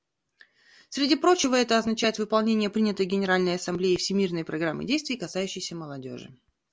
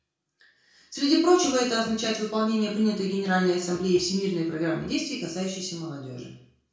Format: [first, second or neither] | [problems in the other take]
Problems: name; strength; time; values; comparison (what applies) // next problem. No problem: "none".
first | room echo; dies away in 0.6 s